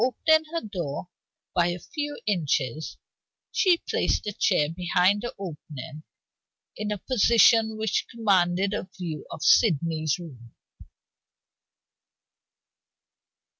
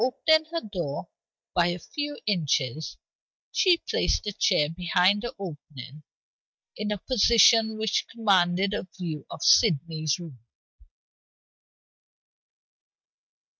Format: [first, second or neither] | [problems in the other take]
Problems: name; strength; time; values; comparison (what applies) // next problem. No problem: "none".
first | noise reduction (neural mask model DeepFilterNet 3)